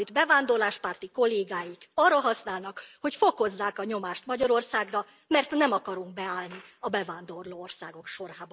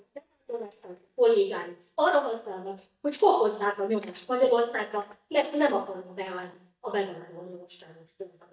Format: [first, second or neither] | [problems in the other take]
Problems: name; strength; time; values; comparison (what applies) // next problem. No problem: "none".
first | noise reduction (neural mask model DeepFilterNet 3)